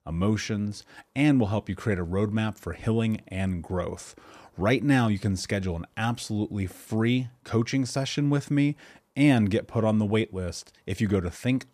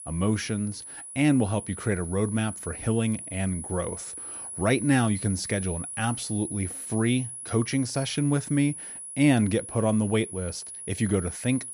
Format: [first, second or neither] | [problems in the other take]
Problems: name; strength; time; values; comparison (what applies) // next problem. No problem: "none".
first | high-pitched whine; loud; throughout; 10.5 kHz, 9 dB below the speech